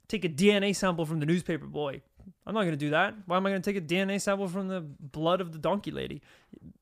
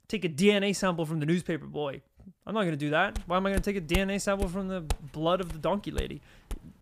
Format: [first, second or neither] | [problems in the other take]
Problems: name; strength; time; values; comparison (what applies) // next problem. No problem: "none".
first | footsteps; noticeable; from 3 s on; peak 8 dB below the speech